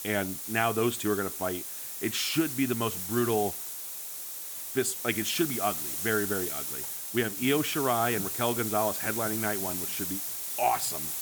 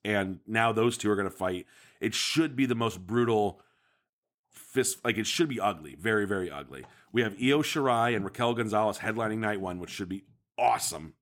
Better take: second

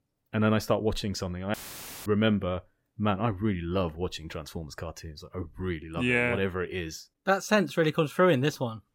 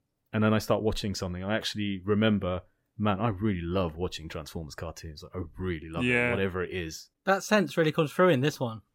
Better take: second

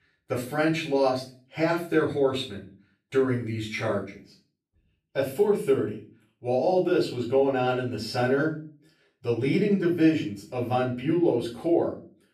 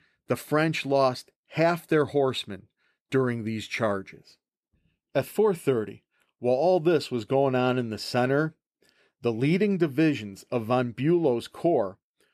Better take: second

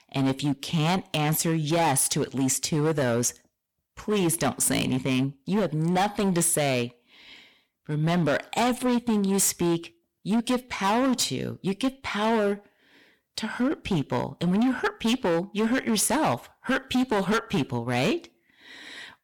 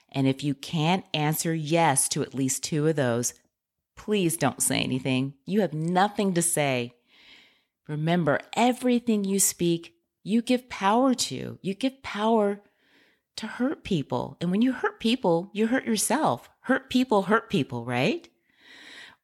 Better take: second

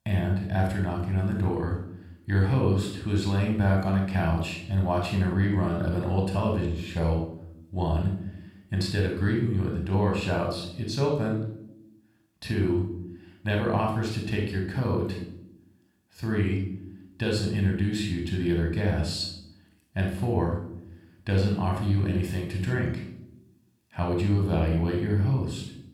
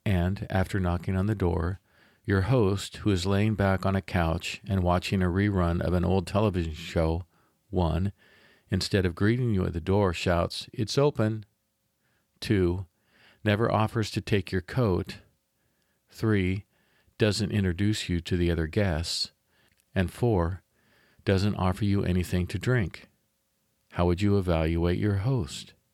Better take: second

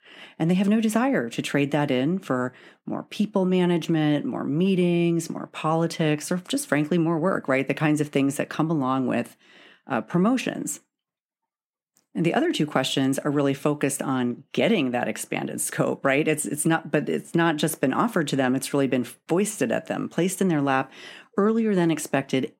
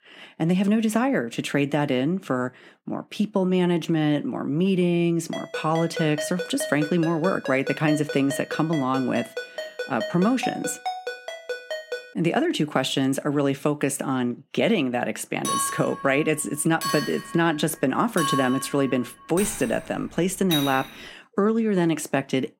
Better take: first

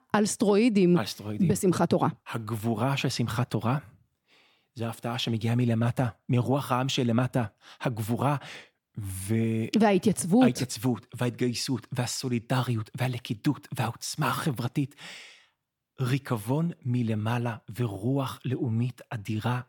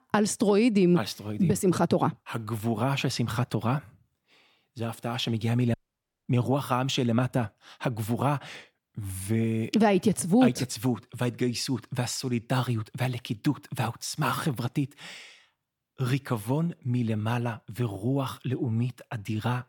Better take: first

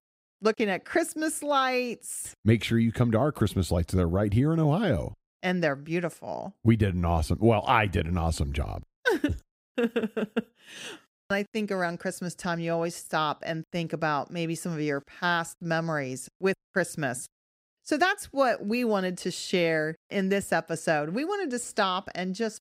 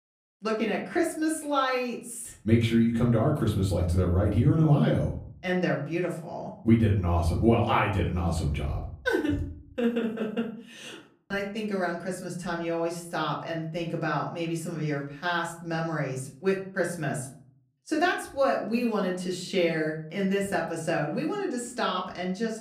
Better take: first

